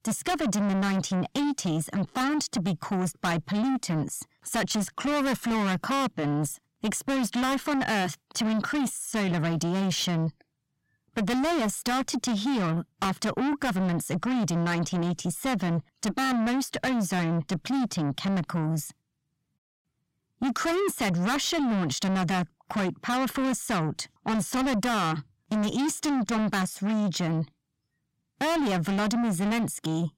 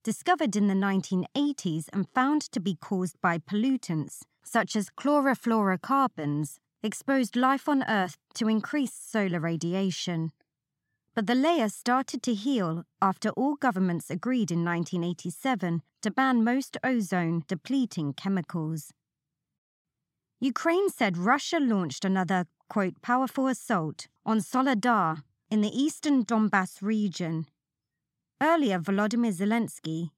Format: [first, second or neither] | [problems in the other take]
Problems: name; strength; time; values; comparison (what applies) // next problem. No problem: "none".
second | distortion; heavy; 6 dB below the speech